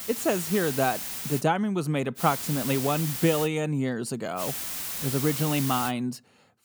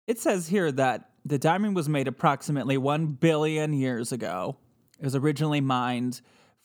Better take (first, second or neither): second